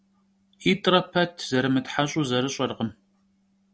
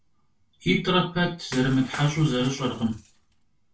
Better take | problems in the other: first | background sound (Shatter / Crushing); 17 dB below the speech // room echo; dies away in 0.2 s

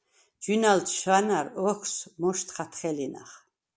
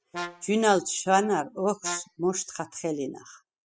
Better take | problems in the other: first | noise reduction (classical method spectral subtraction)

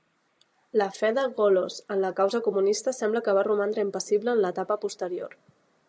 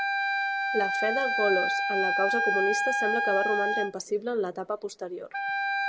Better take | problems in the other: first | background sound (Wind instrument, woodwind instrument); 3 dB above the speech

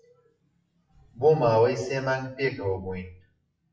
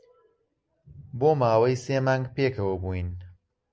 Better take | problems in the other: second | noise reduction (classical method WPE with log-MMSE)

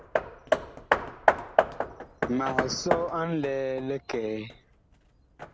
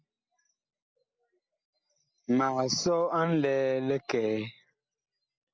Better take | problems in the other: second | background sound (Hammer); 3 dB above the speech

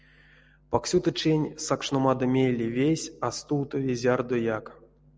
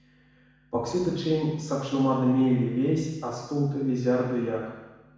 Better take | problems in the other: first | room echo; dies away in 1.1 s

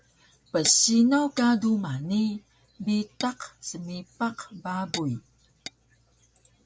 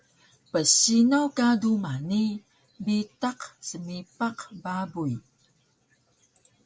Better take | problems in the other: second | background sound (Tap / Glass); 18 dB below the speech

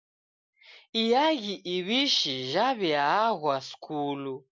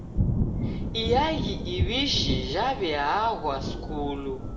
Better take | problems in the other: first | background sound (Thunder / Rain); 1 dB below the speech // room echo; dies away in 1.2 s

